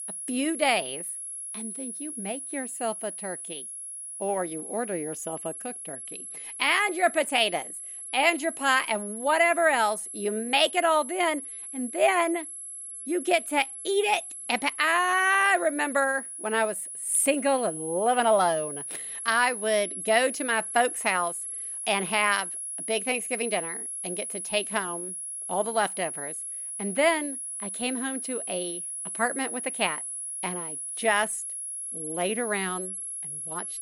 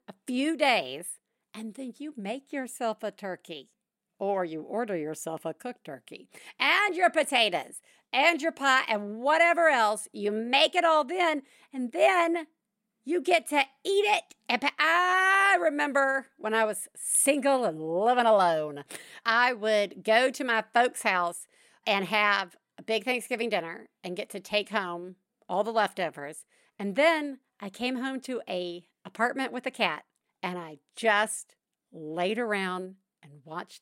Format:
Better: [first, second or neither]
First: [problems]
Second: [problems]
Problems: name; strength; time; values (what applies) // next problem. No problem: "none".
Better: second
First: high-pitched whine; loud; throughout; 10.5 kHz, 7 dB below the speech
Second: none